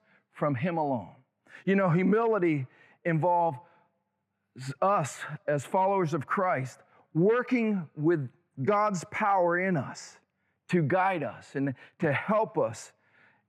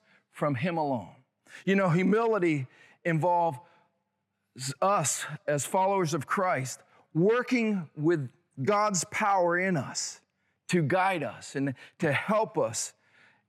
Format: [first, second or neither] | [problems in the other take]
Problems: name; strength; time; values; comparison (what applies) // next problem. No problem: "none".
second | muffled; slightly; fading above 3.5 kHz